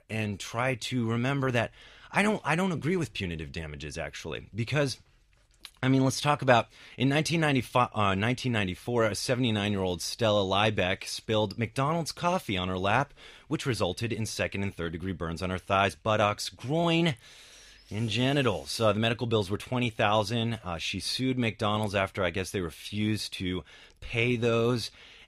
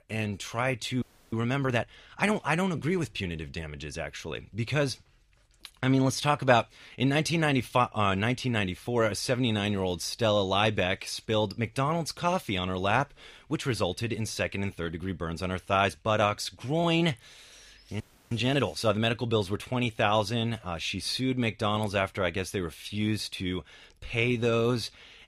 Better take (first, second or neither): first